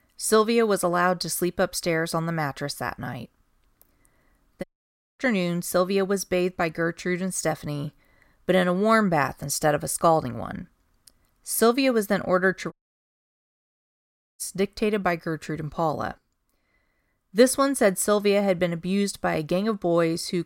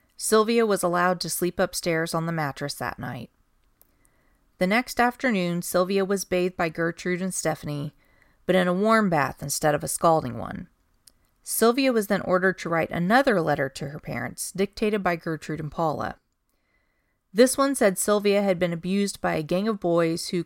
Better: second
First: audio cutting out; at 4.5 s for 0.5 s and at 13 s for 1.5 s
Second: none

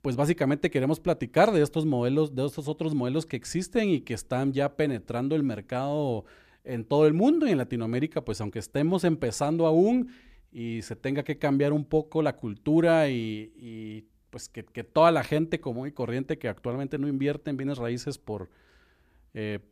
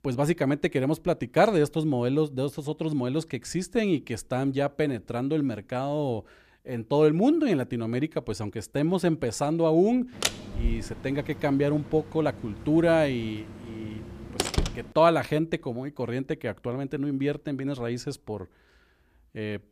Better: first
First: none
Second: door banging; noticeable; from 10 to 15 s; peak 1 dB below the speech

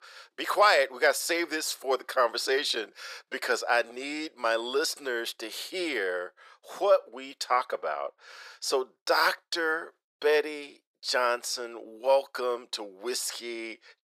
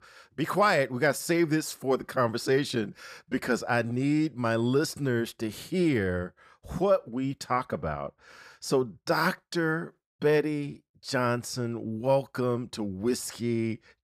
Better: second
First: thin; very; fading below 450 Hz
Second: none

